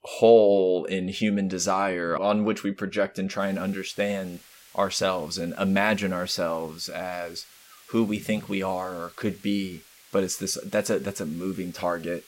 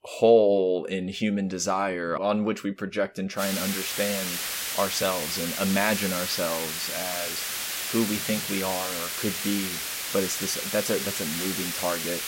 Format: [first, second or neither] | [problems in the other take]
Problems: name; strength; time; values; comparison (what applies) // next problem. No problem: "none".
first | hiss; loud; from 3.5 s on; 2 dB below the speech; faint in the first